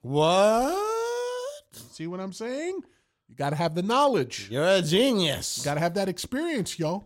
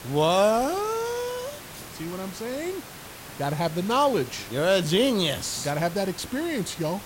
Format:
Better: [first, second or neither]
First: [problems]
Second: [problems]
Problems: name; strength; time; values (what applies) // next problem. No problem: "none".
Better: first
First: none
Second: hiss; noticeable; throughout; 15 dB below the speech